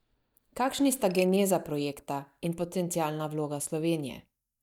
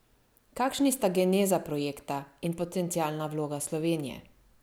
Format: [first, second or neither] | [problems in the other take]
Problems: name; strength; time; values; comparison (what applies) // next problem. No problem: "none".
second | noise reduction (neural mask model DeepFilterNet 3)